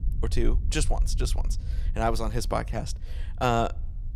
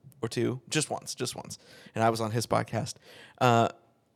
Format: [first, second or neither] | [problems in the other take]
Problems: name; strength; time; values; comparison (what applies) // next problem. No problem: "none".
second | low rumble; faint; throughout; 25 dB below the speech